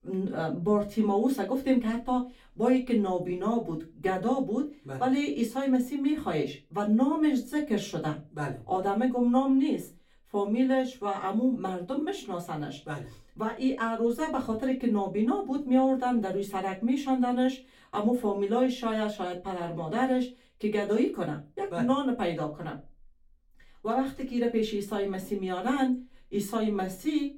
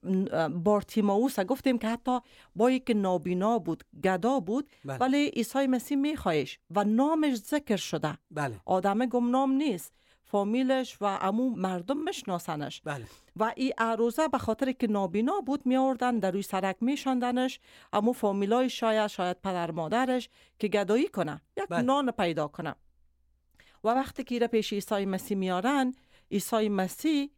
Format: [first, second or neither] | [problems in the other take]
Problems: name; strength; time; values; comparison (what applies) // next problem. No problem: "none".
second | off-mic speech; far // room echo; very slight; dies away in 0.2 s